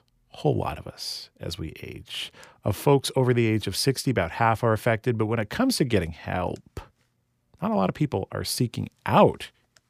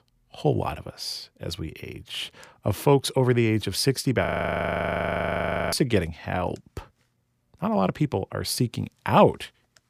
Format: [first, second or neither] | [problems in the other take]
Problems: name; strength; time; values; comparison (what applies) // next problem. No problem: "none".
first | audio freezing; at 4.5 s for 1.5 s